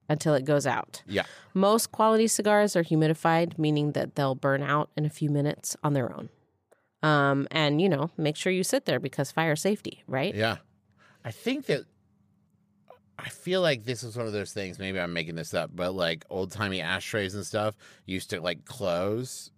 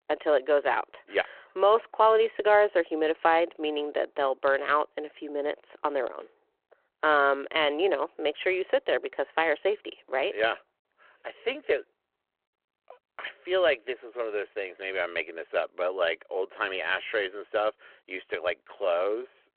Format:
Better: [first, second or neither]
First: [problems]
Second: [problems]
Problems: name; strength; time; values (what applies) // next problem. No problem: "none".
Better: first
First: none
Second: phone-call audio